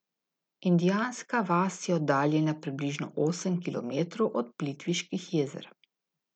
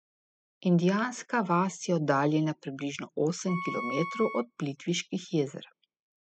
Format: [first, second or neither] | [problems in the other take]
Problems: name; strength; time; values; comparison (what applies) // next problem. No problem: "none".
first | noise reduction (classical method spectral subtraction)